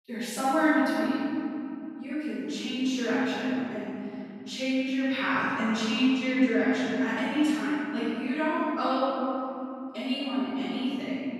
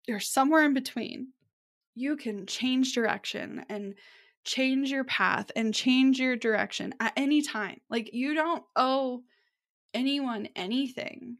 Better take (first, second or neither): second